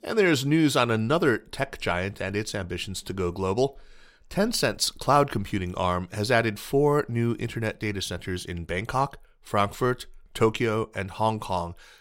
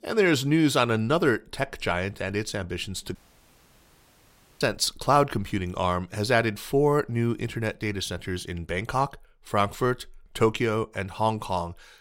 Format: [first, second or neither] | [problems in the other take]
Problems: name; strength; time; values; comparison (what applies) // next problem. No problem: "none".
first | audio cutting out; at 3 s for 1.5 s